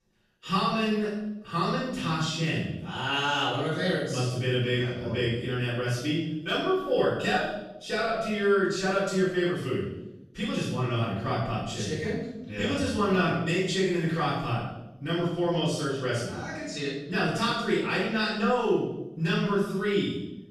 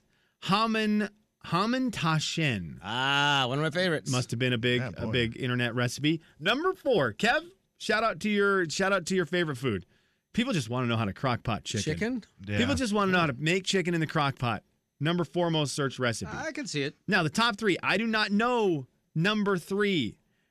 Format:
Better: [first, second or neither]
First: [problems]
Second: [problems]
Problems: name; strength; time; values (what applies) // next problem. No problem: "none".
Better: second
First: off-mic speech; far // room echo; strong; dies away in 0.8 s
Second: none